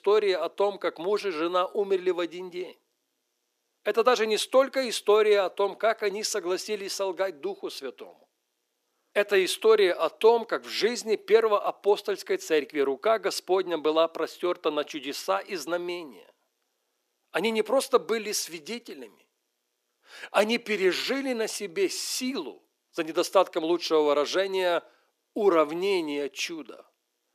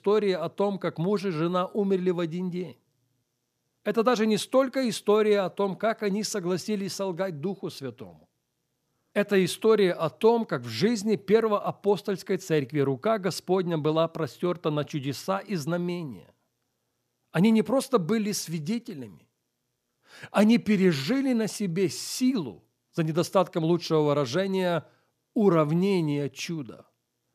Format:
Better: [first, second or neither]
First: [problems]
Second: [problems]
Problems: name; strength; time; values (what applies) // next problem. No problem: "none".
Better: second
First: thin; somewhat; fading below 350 Hz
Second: none